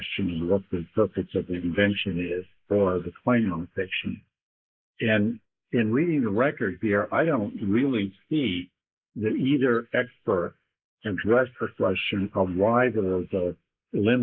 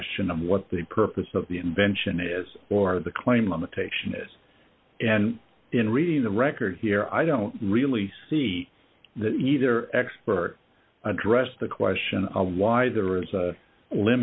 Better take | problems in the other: second | noise reduction (neural mask model Resemble Enhance denoiser)

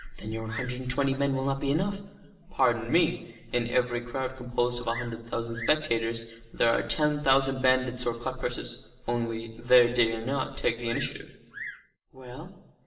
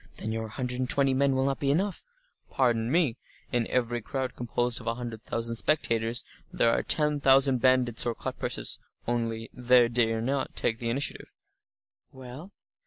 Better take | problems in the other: second | background sound (Bird vocalization, bird call, bird song); 19 dB below the speech // room echo; dies away in 1.2 s

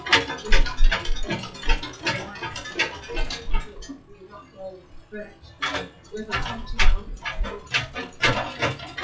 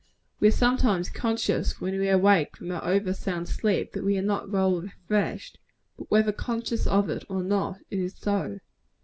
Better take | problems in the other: second | noise reduction (classical method WPE with log-MMSE)

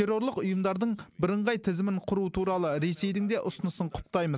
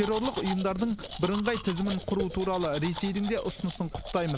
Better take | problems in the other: first | background sound (Domestic sounds, home sounds); 10 dB below the speech

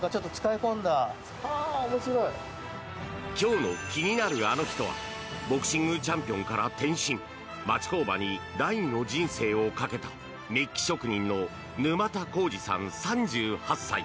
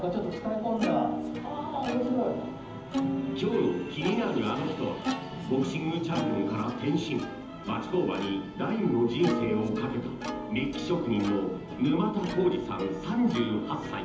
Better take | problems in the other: first | background sound (Plucked string instrument); 7 dB below the speech // room echo; dies away in 0.8 s

